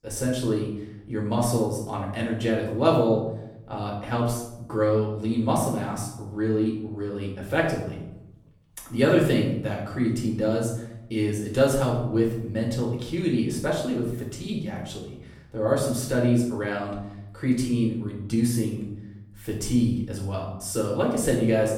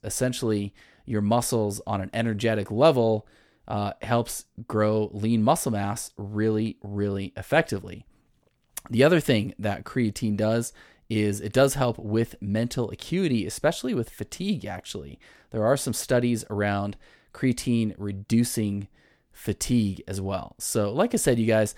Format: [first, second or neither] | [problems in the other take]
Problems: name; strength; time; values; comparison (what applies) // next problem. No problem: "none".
second | off-mic speech; far // room echo; noticeable; dies away in 0.8 s